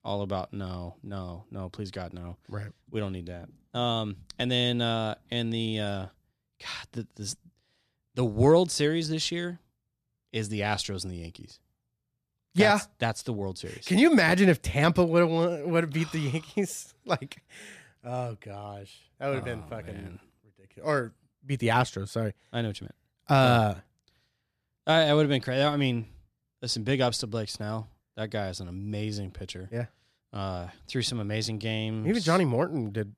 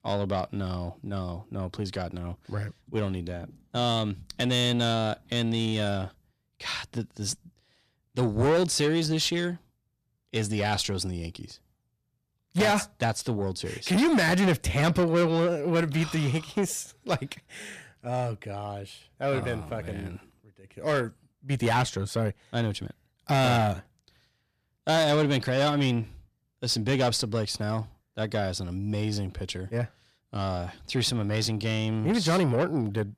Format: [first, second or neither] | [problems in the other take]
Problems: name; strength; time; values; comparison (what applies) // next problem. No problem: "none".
first | distortion; heavy; 8 dB below the speech